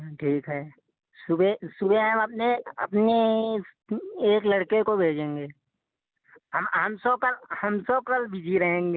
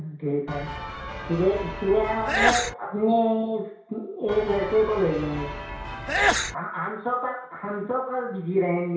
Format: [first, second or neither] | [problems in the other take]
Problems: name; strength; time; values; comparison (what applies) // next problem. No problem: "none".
first | background sound (Sneeze / Church bell); 2 dB below the speech // room echo; dies away in 0.6 s